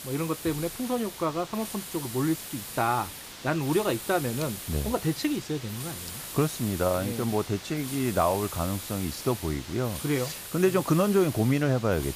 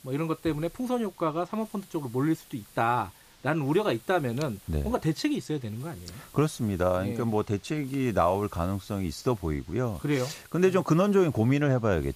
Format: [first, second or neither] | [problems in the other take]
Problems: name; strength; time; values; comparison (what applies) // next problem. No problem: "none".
second | hiss; loud; throughout; 9 dB below the speech; faint in the second